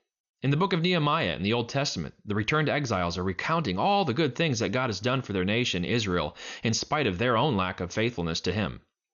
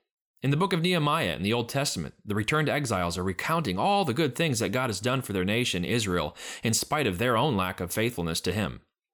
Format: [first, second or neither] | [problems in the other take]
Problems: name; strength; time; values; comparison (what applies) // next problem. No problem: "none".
second | garbled, watery; slightly; nothing above 6.5 kHz